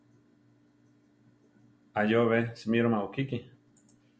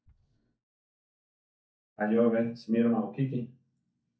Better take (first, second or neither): first